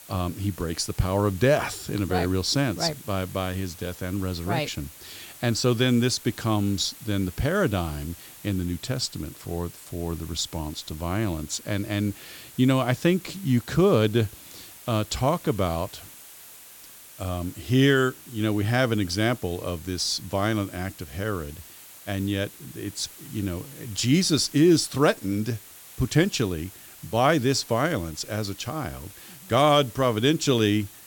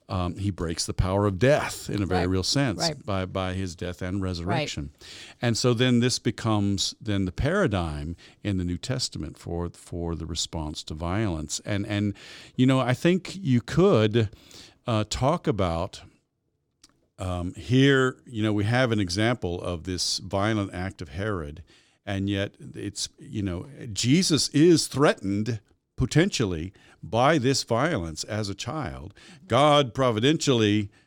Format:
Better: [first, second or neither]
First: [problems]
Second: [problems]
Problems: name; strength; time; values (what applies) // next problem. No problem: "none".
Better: second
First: hiss; noticeable; throughout; 20 dB below the speech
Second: none